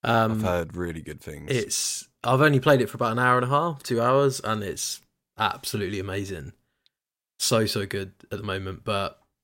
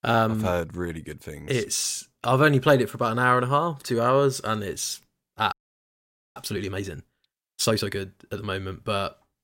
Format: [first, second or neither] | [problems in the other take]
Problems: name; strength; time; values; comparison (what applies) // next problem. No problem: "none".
first | audio freezing; at 5.5 s for 1 s